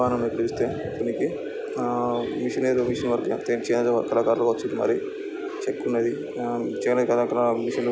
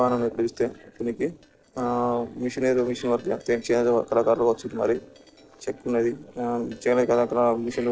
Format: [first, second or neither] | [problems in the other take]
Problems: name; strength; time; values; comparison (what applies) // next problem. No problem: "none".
first | noise reduction (neural separator model SepFormer DNS4)